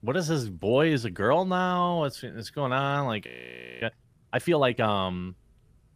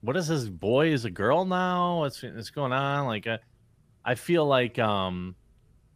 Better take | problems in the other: second | audio freezing; at 3.5 s for 0.5 s

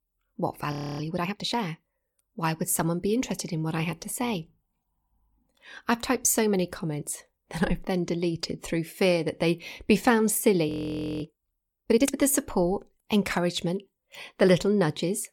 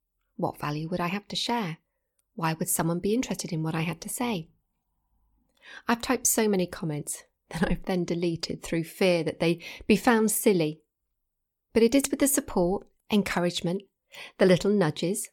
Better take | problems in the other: second | audio freezing; at 0.5 s and at 11 s for 0.5 s

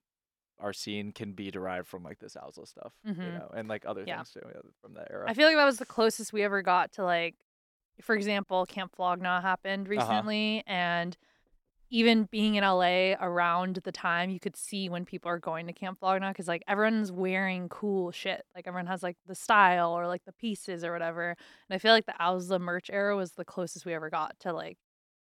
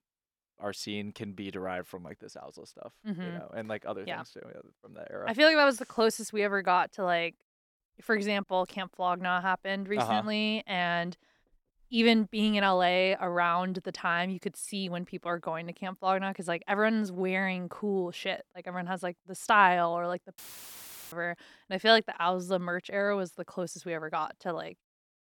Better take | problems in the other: first | audio cutting out; filled with static; at 20 s for 0.5 s

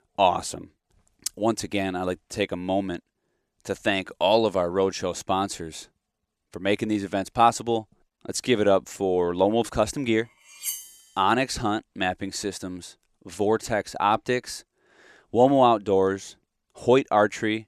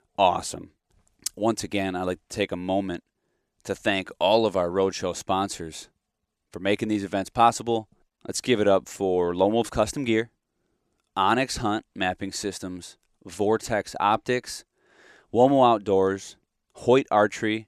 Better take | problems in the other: second | clattering dishes; noticeable; at 11 s; peak 6 dB below the speech

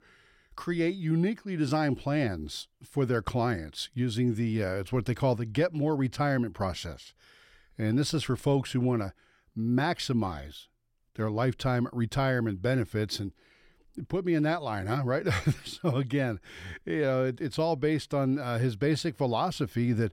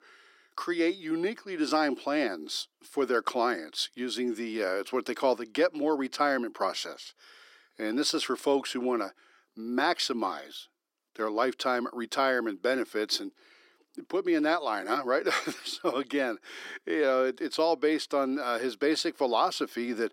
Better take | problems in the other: first | thin; somewhat; fading below 300 Hz

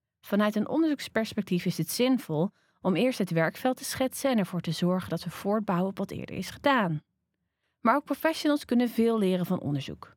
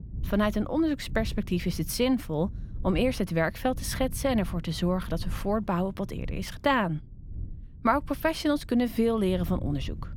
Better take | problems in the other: first | low rumble; faint; throughout; 25 dB below the speech

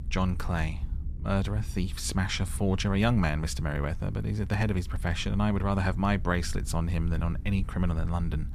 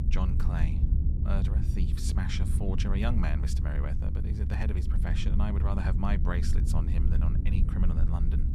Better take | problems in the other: first | low rumble; loud; throughout; 4 dB below the speech; faint in the first

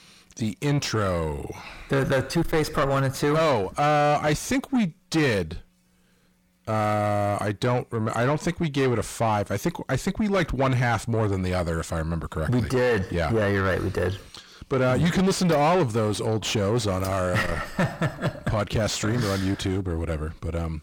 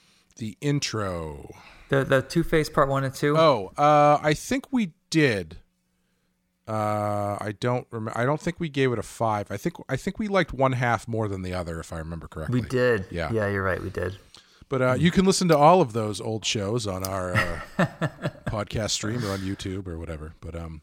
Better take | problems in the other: second | distortion; heavy; 6 dB below the speech

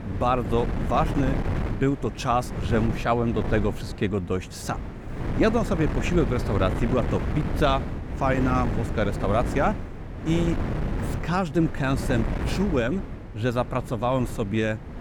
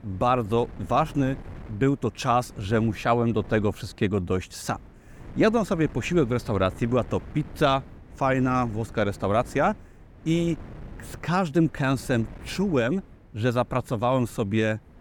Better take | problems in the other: second | wind noise on the microphone; heavy; 9 dB below the speech; occasional gusts in the second

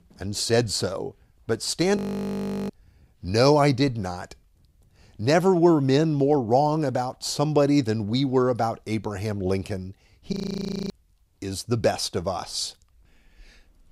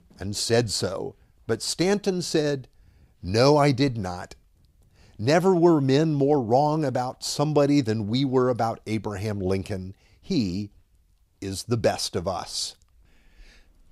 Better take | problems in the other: second | audio freezing; at 2 s for 0.5 s and at 10 s for 0.5 s

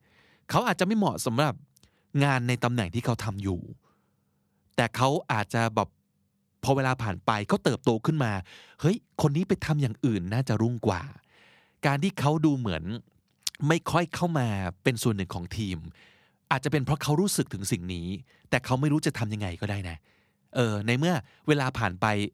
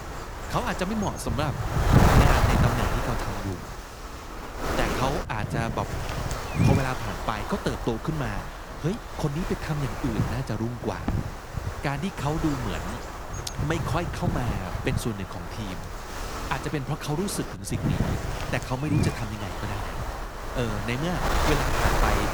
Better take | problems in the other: first | wind noise on the microphone; heavy; 1 dB above the speech

